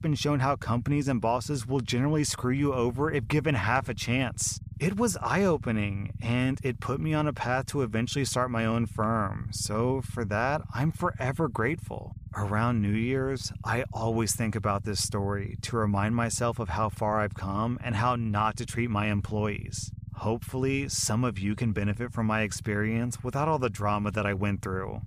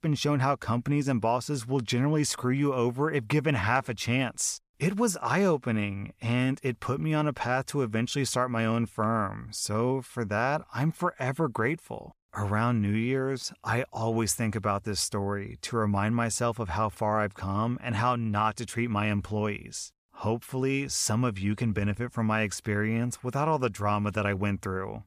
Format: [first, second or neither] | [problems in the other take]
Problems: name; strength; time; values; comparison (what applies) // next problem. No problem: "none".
second | low rumble; faint; throughout; 25 dB below the speech